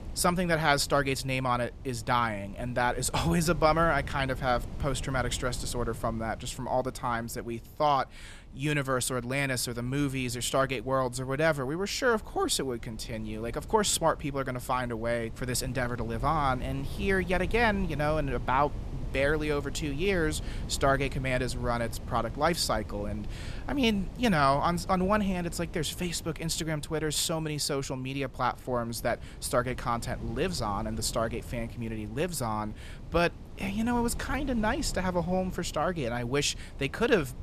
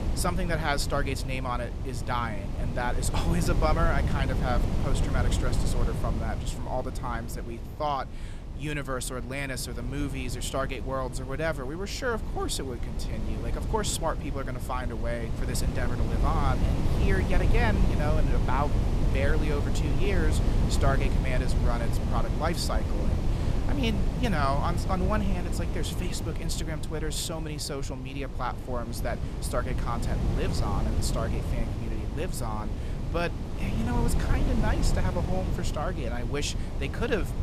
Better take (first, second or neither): first